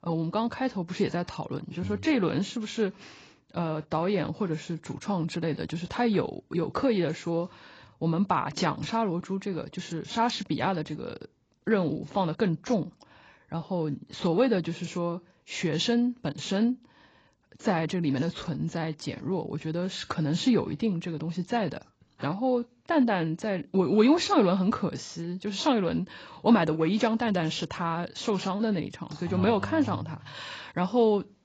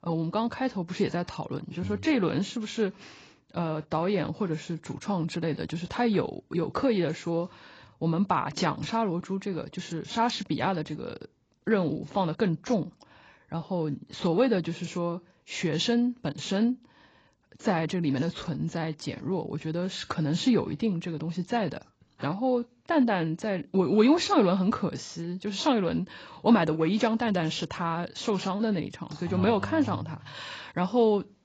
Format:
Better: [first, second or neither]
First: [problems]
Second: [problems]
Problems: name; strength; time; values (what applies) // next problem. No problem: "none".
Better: neither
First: garbled, watery; badly; nothing above 7.5 kHz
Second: garbled, watery; badly; nothing above 7.5 kHz